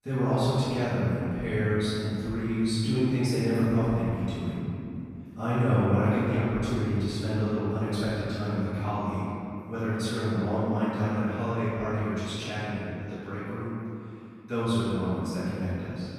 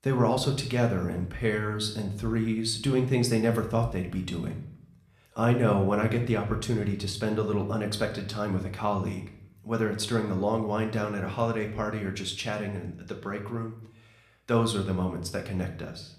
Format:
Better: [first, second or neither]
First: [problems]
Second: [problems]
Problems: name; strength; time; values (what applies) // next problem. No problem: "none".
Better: second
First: room echo; strong; dies away in 2.8 s // off-mic speech; far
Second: room echo; slight; dies away in 0.5 s